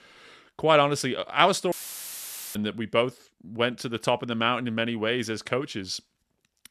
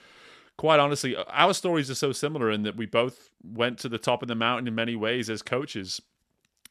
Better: second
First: audio cutting out; filled with static; at 1.5 s for 1 s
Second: none

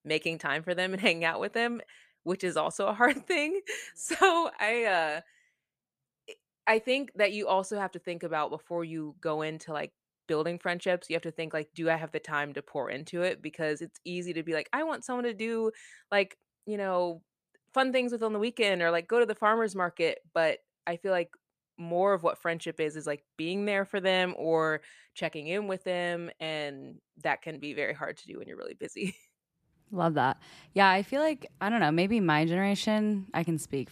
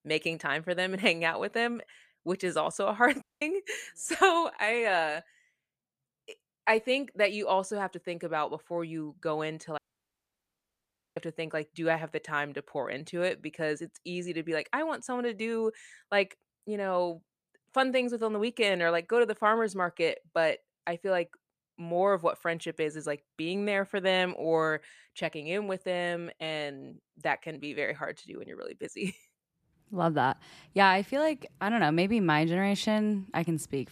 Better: first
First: none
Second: audio cutting out; at 3 s and at 10 s for 1.5 s

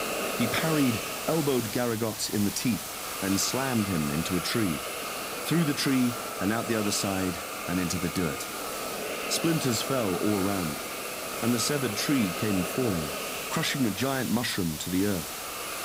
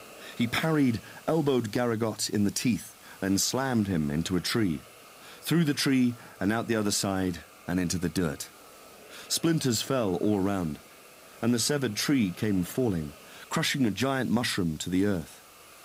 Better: second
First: hiss; loud; throughout; 4 dB below the speech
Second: hiss; faint; throughout; 20 dB below the speech

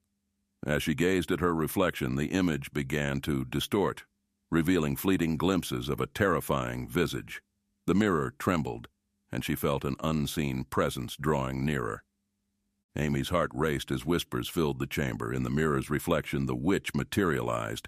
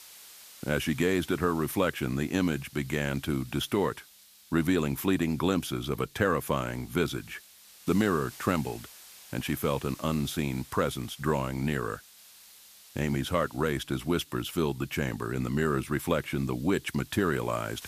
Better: first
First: none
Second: hiss; faint; throughout; 20 dB below the speech

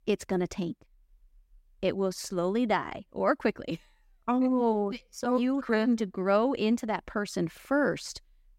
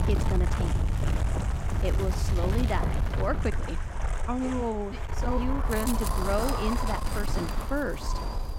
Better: first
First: none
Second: wind noise on the microphone; heavy; 2 dB below the speech

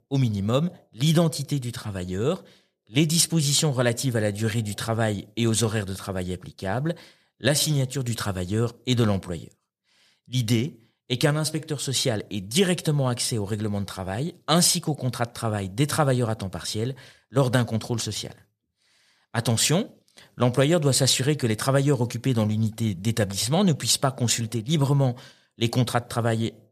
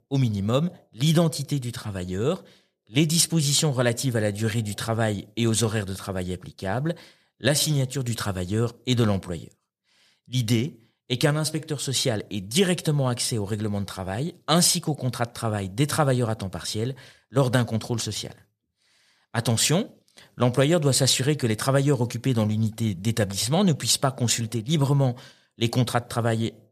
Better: neither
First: none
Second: none

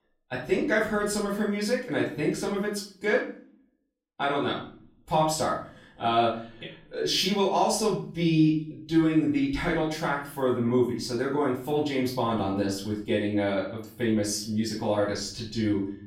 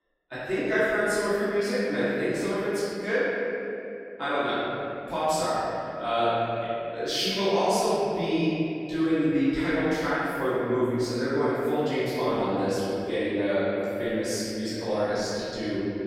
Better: first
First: room echo; slight; dies away in 0.5 s // off-mic speech; far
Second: room echo; strong; dies away in 2.7 s // off-mic speech; far

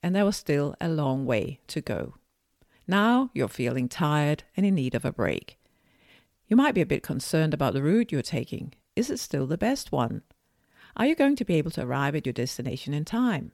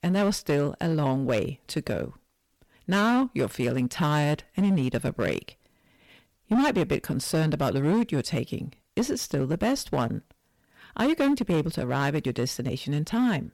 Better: first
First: none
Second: distortion; slight; 8% of the sound clipped

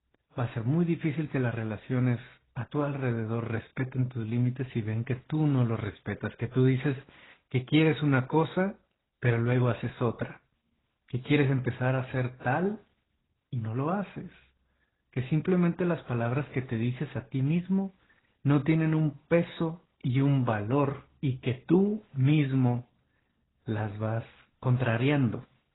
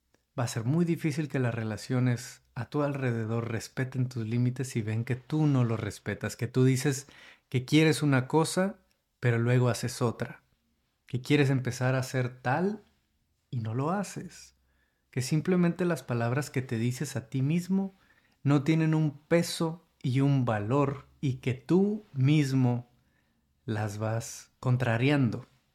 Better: second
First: garbled, watery; badly; nothing above 4 kHz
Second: none

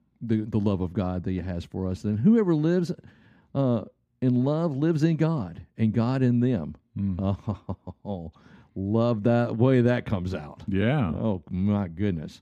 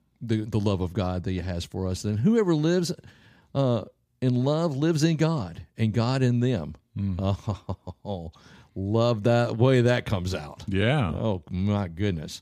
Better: second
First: muffled; slightly; fading above 3.5 kHz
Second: none

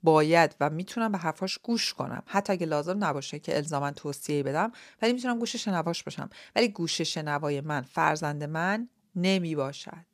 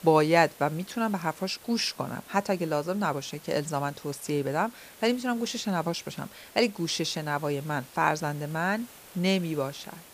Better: first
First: none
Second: hiss; noticeable; throughout; 20 dB below the speech

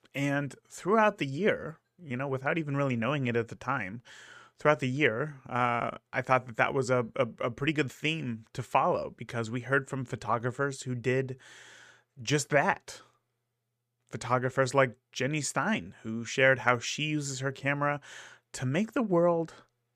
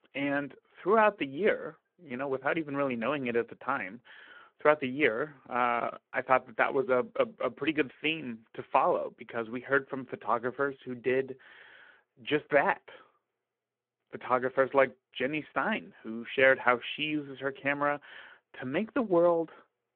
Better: first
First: none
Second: phone-call audio

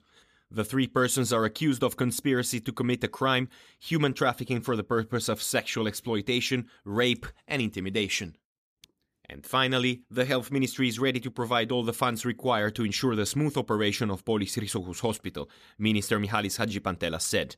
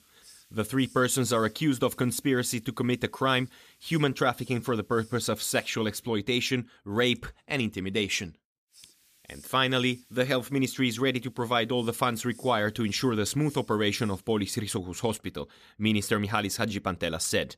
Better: first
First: none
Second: hiss; faint; until 6 s and from 8.5 to 15 s; 25 dB below the speech

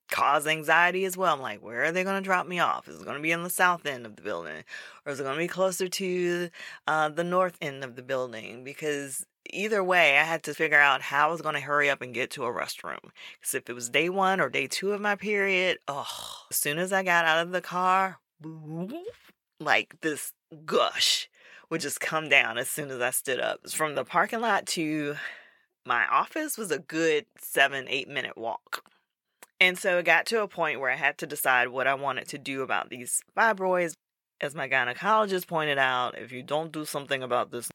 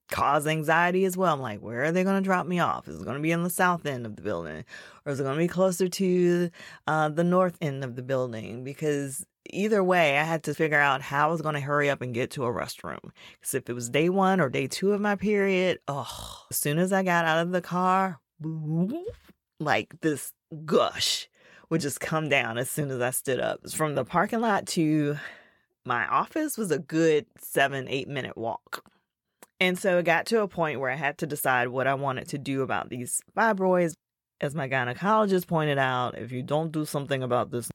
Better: second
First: thin; somewhat; fading below 550 Hz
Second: none

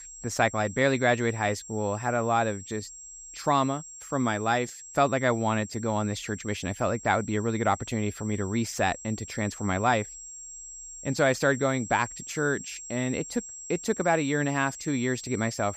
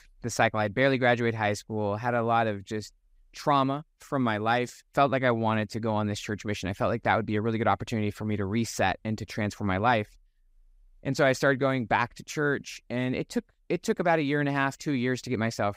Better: second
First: high-pitched whine; noticeable; throughout; 7.5 kHz, 15 dB below the speech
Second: none

